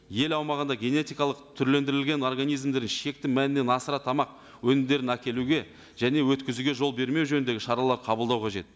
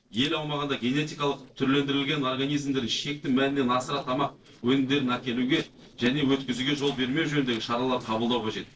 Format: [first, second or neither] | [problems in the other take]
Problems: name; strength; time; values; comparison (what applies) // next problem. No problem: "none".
first | noise reduction (neural separator model SepFormer DNS4)